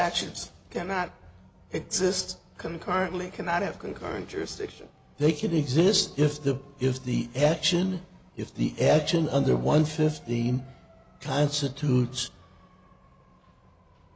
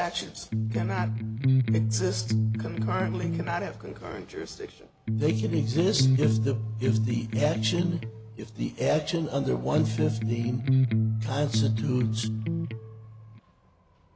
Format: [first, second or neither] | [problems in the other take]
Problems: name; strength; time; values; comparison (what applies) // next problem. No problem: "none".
first | background sound (Electric guitar); 4 dB above the speech